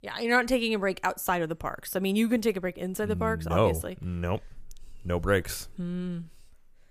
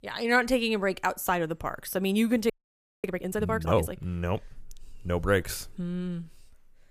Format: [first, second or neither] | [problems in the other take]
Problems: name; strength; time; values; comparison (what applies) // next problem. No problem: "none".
first | audio freezing; at 2.5 s for 0.5 s